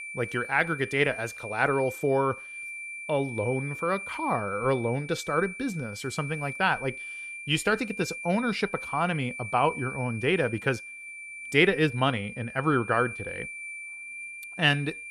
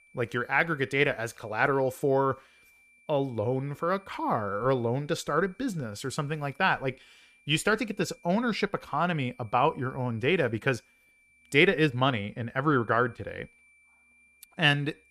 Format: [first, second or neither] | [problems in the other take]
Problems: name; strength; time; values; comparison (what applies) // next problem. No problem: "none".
second | high-pitched whine; loud; throughout; 2.5 kHz, 10 dB below the speech; faint in the second